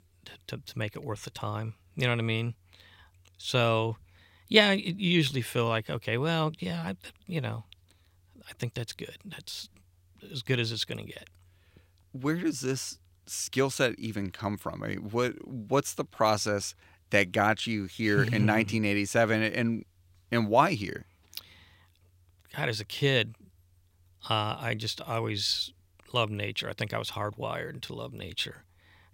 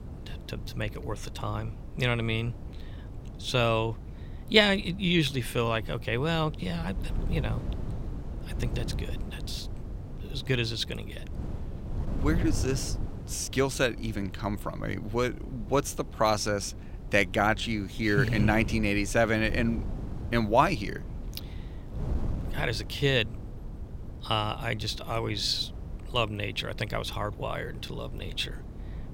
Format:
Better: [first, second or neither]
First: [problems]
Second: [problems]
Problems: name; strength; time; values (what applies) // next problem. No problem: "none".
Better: first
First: none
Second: wind noise on the microphone; occasional gusts; 20 dB below the speech